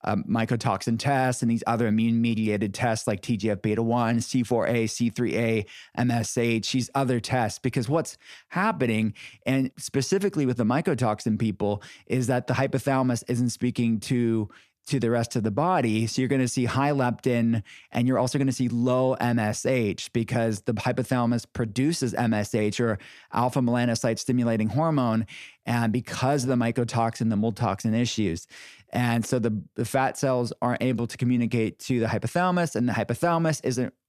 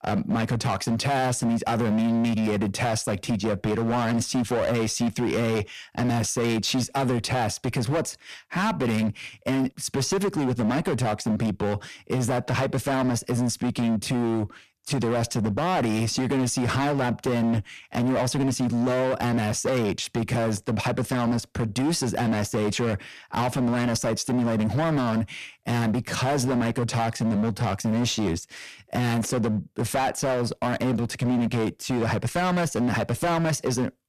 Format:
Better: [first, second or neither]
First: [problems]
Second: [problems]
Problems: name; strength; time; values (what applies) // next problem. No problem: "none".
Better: first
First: none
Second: distortion; heavy; 23% of the sound clipped